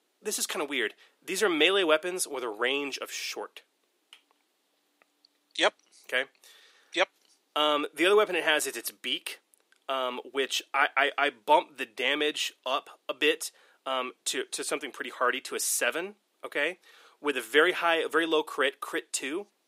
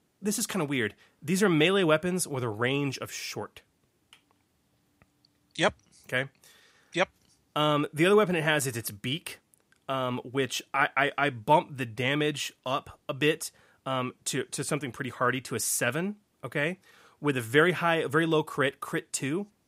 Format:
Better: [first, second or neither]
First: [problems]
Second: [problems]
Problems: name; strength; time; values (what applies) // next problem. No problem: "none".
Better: second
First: thin; somewhat; fading below 350 Hz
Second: none